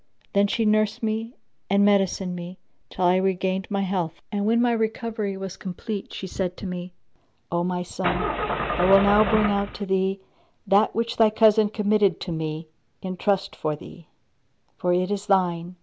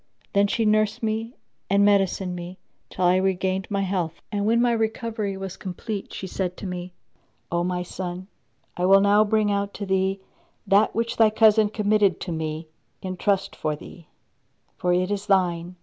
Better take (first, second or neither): second